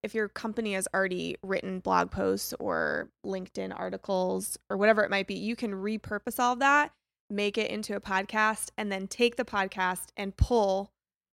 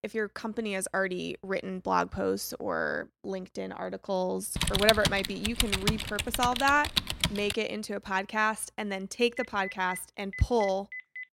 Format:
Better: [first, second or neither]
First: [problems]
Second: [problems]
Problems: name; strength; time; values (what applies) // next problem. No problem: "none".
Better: first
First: none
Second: keyboard typing; loud; from 4.5 to 7.5 s; peak 5 dB above the speech // phone ringing; noticeable; from 9.5 s on; peak 9 dB below the speech